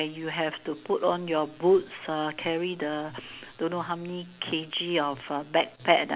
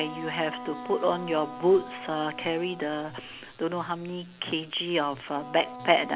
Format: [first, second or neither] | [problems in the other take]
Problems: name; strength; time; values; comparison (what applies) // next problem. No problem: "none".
first | background sound (Wind instrument, woodwind instrument); 14 dB below the speech